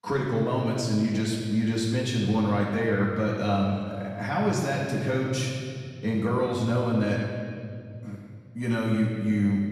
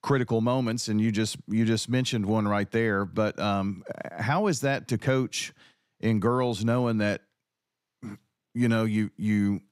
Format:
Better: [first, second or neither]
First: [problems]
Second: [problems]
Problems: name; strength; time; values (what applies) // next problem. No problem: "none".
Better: second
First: off-mic speech; far // room echo; noticeable; dies away in 2.1 s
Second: none